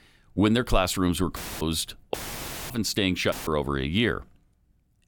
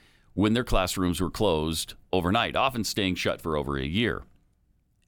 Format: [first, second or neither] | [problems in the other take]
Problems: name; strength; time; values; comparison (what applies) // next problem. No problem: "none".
second | audio cutting out; filled with static; at 1.5 s, at 2 s for 0.5 s and at 3.5 s